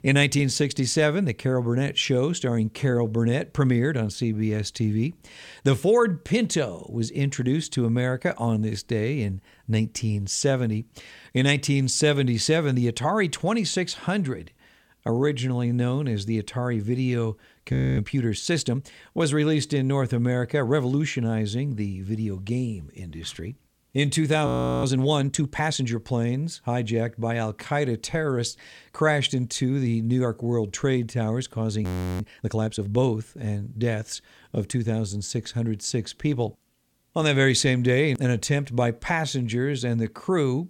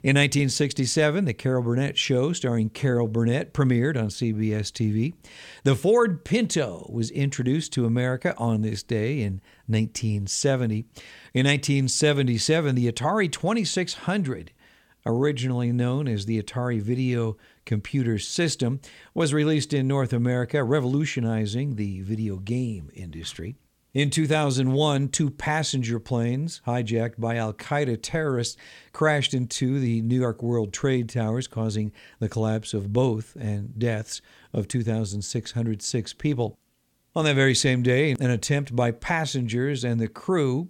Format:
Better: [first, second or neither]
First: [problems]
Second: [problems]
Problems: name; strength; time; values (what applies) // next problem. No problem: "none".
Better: second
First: audio freezing; at 18 s, at 24 s and at 32 s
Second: none